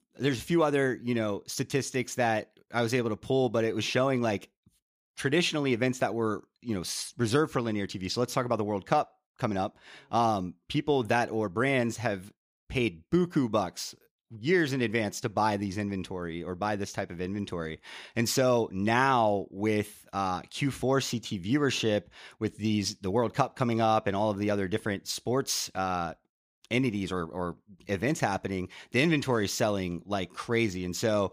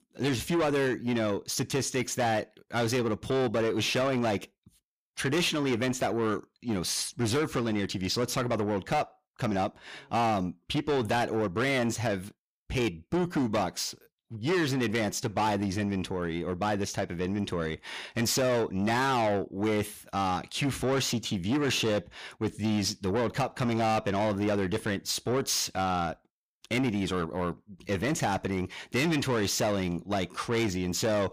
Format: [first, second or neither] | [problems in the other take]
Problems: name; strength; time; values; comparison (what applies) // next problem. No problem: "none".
first | distortion; heavy; 8 dB below the speech